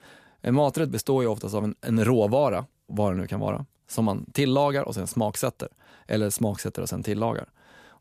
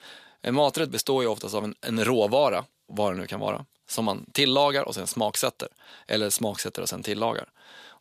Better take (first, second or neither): first